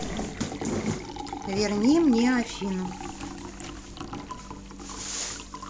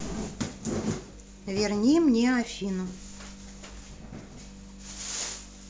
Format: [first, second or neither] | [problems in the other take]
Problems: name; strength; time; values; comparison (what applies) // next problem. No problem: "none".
second | background sound (Liquid); 10 dB below the speech